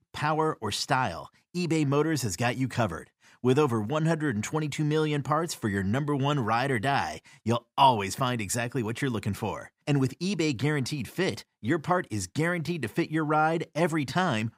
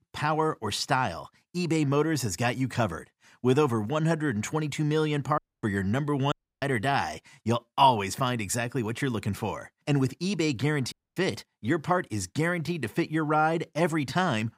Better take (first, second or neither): first